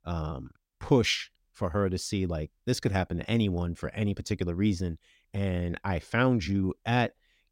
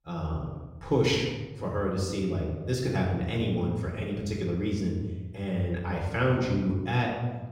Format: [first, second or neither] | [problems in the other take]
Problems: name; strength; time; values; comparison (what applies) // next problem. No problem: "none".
first | off-mic speech; far // room echo; noticeable; dies away in 1.2 s